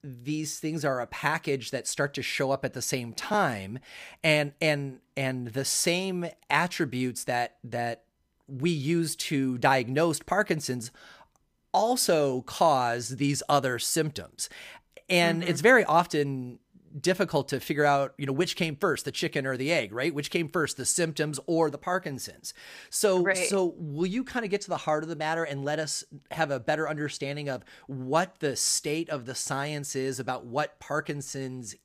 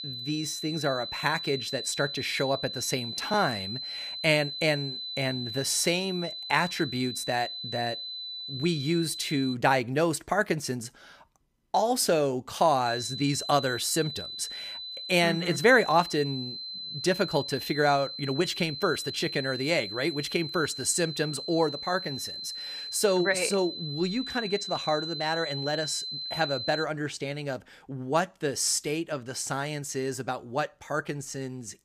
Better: first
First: none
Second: high-pitched whine; loud; until 9.5 s and from 13 to 27 s; 4 kHz, 7 dB below the speech

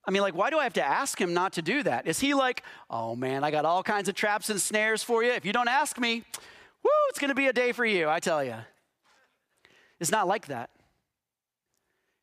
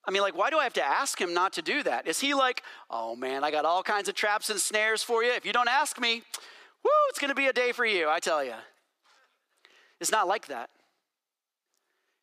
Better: first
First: none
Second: thin; very slightly; fading below 300 Hz

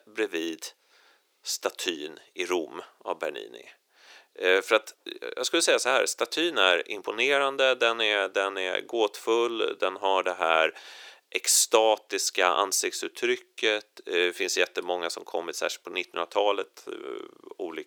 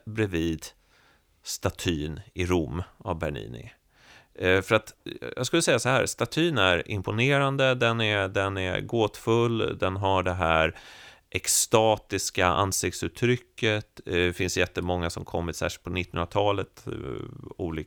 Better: second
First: thin; very; fading below 400 Hz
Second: none

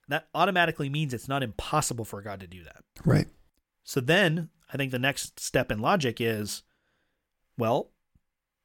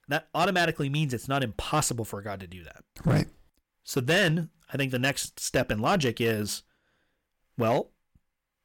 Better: first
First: none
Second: distortion; slight; 4% of the sound clipped

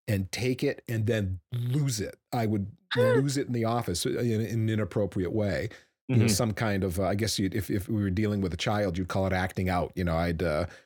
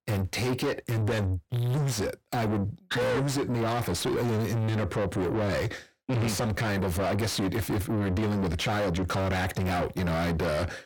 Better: first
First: none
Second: distortion; heavy; 5 dB below the speech

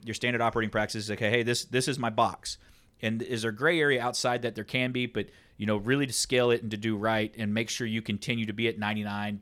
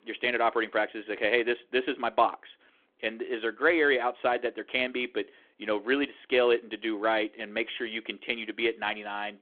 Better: first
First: none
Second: phone-call audio

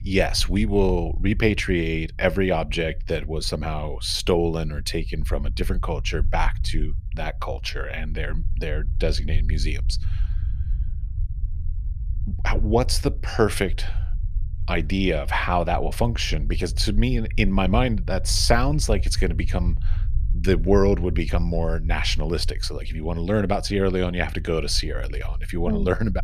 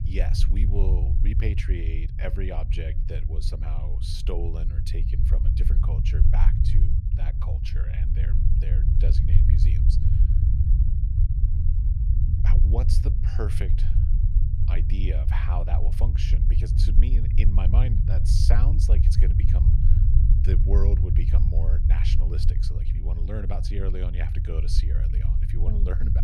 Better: first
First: low rumble; faint; throughout; 25 dB below the speech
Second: low rumble; loud; throughout; 2 dB below the speech

